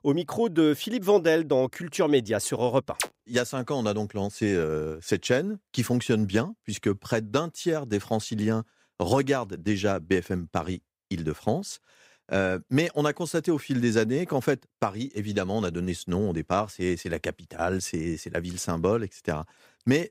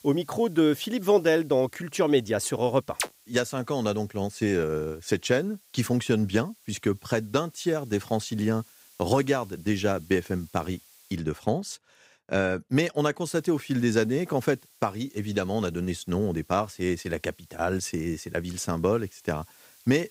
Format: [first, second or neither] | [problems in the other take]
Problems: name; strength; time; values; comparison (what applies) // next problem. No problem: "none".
first | hiss; faint; until 11 s and from 13 s on; 25 dB below the speech